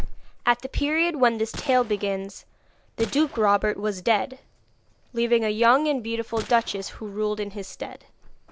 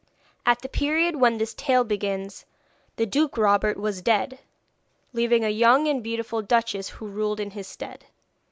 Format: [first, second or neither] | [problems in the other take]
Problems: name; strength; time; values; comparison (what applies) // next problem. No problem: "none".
second | background sound (Alarm / Insect + Gunshot, gunfire); 13 dB below the speech